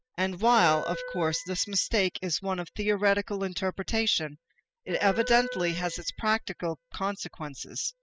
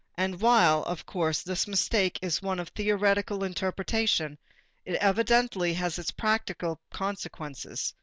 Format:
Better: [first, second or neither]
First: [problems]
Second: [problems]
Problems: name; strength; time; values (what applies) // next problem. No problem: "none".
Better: second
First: noise reduction (classical method spectral subtraction)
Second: none